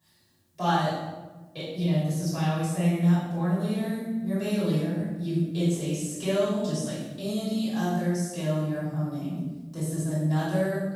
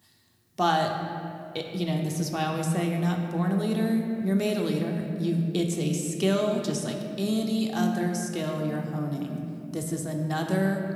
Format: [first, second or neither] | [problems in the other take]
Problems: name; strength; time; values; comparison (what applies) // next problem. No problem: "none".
second | room echo; strong; dies away in 1 s; slight in the second // off-mic speech; far